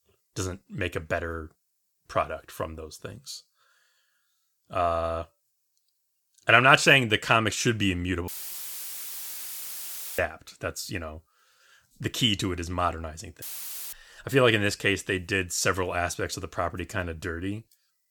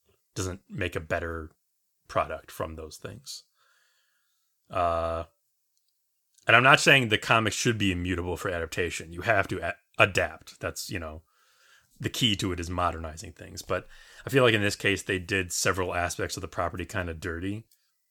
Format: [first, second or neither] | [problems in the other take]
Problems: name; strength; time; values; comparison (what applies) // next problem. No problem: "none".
second | audio cutting out; filled with static; at 8.5 s for 2 s and at 13 s for 0.5 s